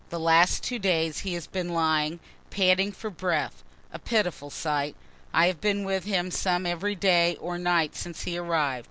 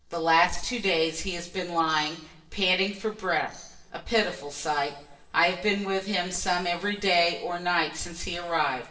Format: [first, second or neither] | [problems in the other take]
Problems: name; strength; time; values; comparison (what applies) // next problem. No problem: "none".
first | noise reduction (neural separator model SepFormer DNS4)